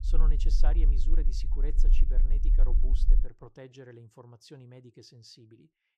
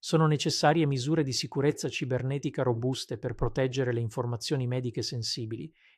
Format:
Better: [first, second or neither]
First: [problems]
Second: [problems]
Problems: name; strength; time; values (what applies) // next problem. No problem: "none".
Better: second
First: low rumble; loud; until 3 s; 6 dB below the speech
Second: none